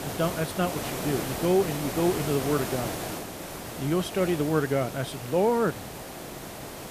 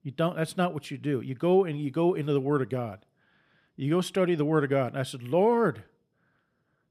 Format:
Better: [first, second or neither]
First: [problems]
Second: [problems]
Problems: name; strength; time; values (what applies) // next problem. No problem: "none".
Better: second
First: hiss; loud; throughout; 7 dB below the speech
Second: none